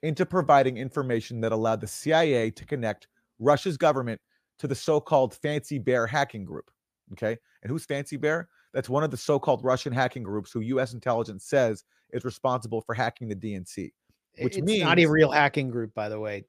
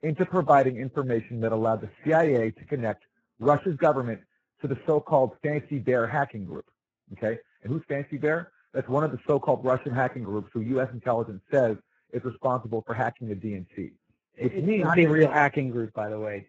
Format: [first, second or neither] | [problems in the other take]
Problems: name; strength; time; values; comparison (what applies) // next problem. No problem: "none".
first | garbled, watery; badly; nothing above 7.5 kHz